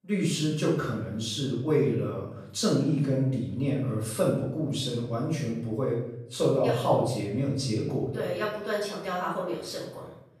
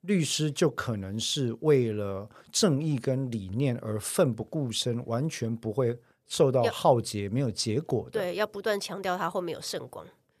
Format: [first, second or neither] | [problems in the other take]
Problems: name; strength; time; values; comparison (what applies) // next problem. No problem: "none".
second | off-mic speech; far // room echo; noticeable; dies away in 0.7 s